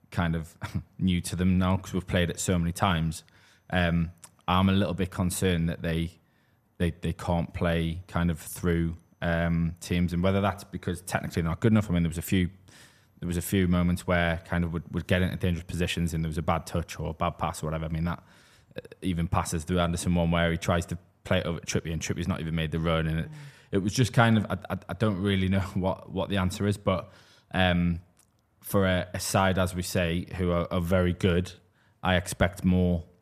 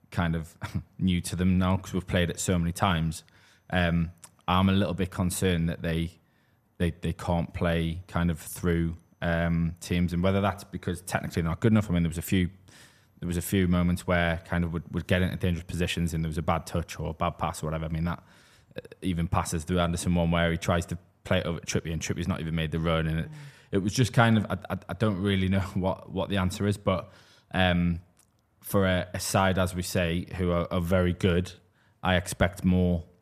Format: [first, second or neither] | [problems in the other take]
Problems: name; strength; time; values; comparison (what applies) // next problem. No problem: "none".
neither | none